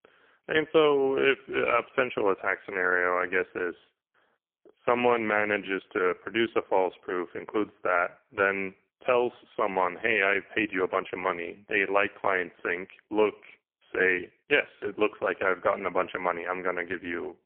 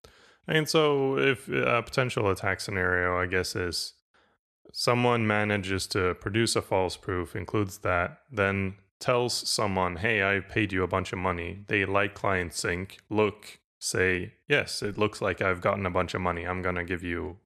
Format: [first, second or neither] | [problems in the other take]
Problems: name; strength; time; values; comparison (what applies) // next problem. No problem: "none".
second | phone-call audio; poor line; nothing above 3 kHz